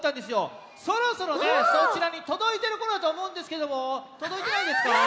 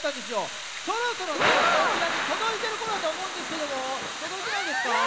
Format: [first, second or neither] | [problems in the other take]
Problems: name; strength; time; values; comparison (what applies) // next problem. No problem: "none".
first | background sound (Thunder / Rain); 1 dB below the speech